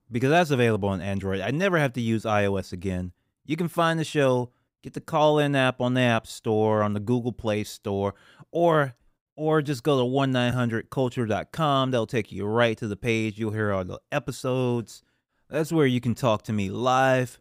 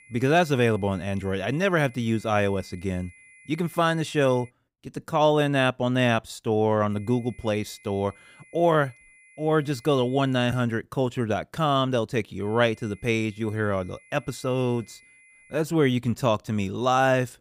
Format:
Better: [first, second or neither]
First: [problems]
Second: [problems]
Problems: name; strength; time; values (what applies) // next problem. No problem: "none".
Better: first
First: none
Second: high-pitched whine; faint; until 4.5 s, from 7 to 11 s and from 12 to 16 s; 2 kHz, 25 dB below the speech